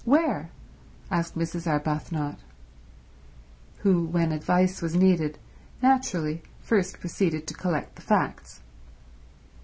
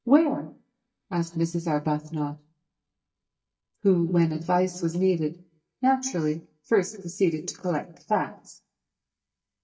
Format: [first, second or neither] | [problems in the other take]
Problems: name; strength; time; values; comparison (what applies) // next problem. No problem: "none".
first | noise reduction (neural mask model DeepFilterNet 3)